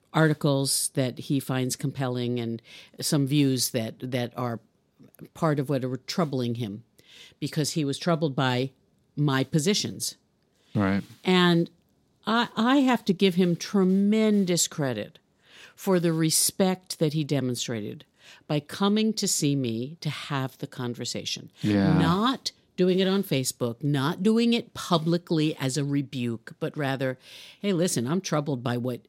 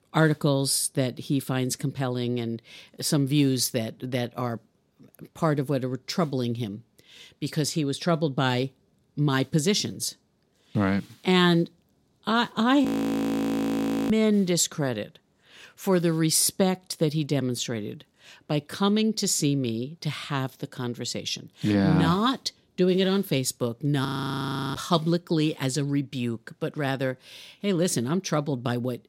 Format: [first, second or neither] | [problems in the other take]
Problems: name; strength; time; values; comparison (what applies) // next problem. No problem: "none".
first | audio freezing; at 13 s for 1.5 s and at 24 s for 0.5 s